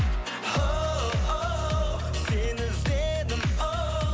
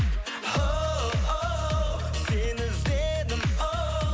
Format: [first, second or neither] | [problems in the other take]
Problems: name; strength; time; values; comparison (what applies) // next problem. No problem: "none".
second | background sound (Guitar); 16 dB below the speech